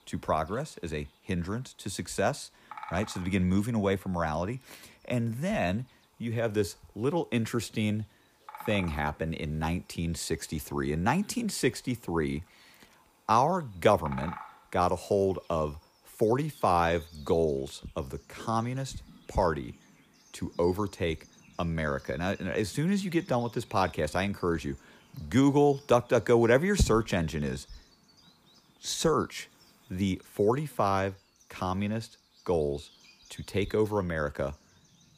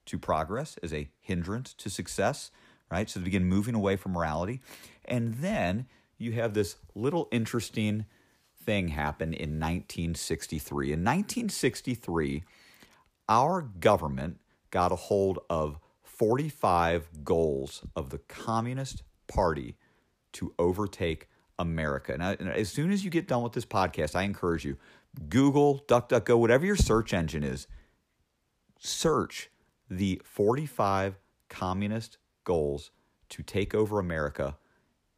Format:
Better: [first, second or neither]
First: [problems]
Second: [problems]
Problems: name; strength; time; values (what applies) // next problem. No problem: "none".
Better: second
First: animal sounds; faint; throughout; 25 dB below the speech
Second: none